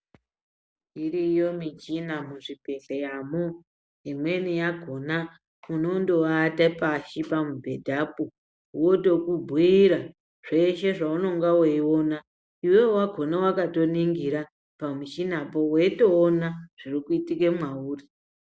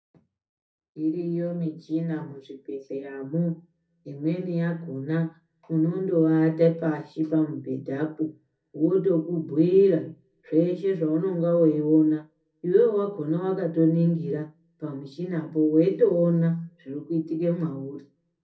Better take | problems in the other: first | room echo; dies away in 0.3 s

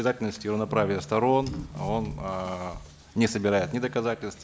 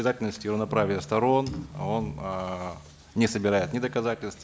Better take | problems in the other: second | background sound (Drum / Drum kit); 18 dB below the speech

